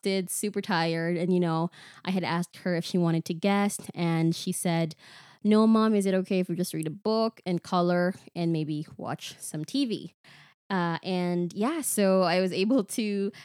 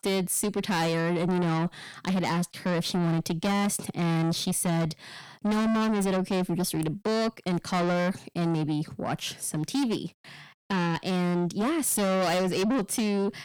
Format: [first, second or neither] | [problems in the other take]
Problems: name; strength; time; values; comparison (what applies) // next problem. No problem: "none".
first | distortion; heavy; 6 dB below the speech